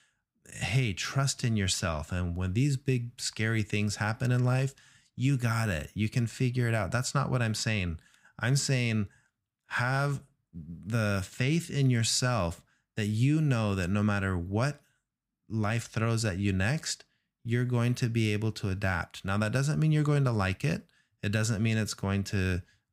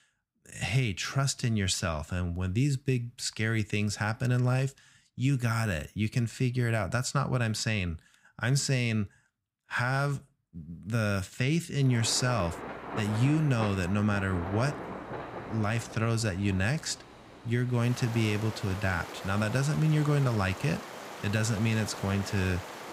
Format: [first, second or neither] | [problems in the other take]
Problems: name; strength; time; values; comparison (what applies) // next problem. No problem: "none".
first | rain or running water; noticeable; from 12 s on; 10 dB below the speech